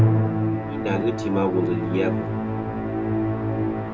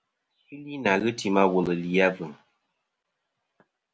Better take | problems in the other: second | background sound (Musical instrument); 5 dB above the speech // room echo; dies away in 0.2 s

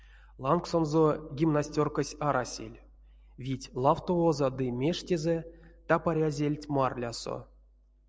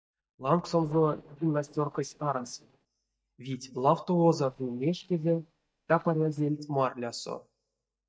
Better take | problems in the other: first | noise reduction (neural mask model DeepFilterNet 3)

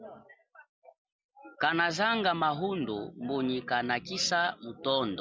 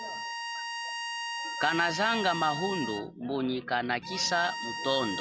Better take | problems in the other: first | background sound (Bowed string instrument); 6 dB below the speech

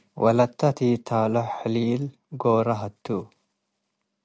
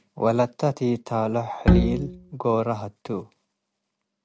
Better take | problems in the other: first | background sound (Bowed string instrument); 4 dB above the speech

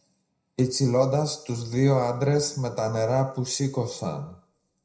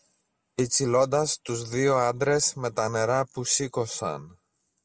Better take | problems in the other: second | room echo; dies away in 0.5 s

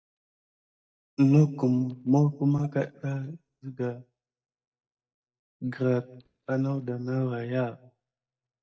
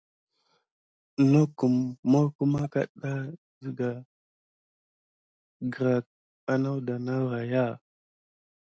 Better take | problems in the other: second | noise reduction (neural mask model DeepFilterNet 3)

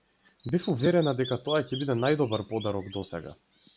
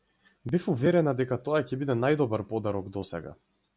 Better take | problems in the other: second | background sound (Bird vocalization, bird call, bird song); 17 dB below the speech

